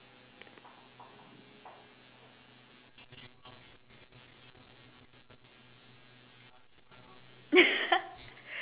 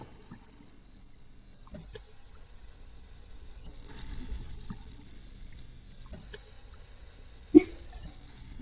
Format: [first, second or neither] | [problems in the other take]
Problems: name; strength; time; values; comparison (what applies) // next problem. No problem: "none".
first | noise reduction (neural mask model DeepFilterNet 3)